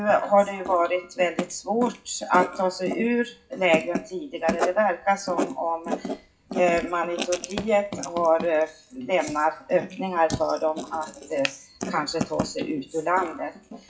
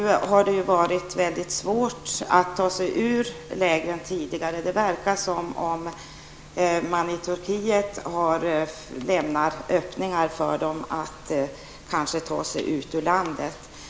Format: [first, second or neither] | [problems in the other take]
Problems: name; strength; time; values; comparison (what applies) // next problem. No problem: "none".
second | noise reduction (classical method WPE with log-MMSE)